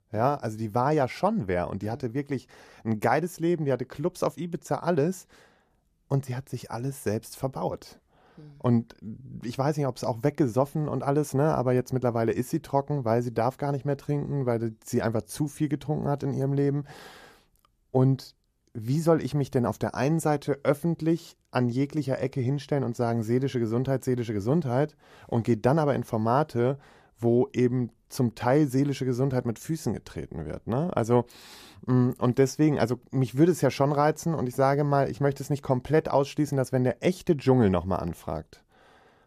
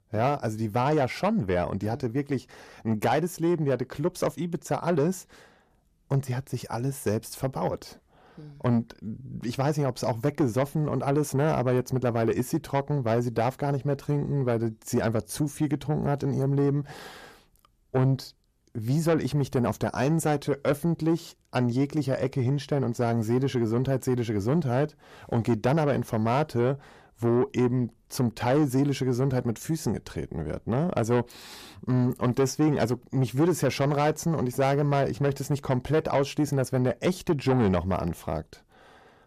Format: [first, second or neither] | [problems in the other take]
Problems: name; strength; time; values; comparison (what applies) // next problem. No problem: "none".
first | distortion; slight; 10 dB below the speech